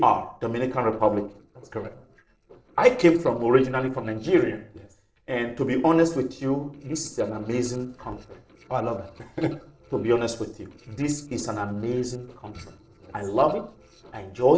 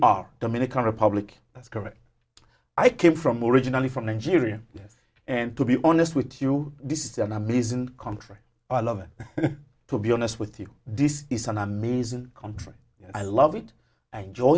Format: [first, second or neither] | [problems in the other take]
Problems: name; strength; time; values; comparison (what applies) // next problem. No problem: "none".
second | noise reduction (neural separator model SepFormer DNS4)